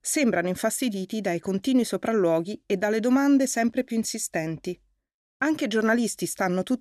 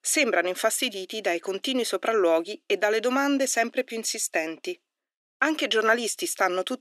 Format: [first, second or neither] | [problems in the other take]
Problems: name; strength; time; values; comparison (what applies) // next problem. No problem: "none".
first | thin; somewhat; fading below 350 Hz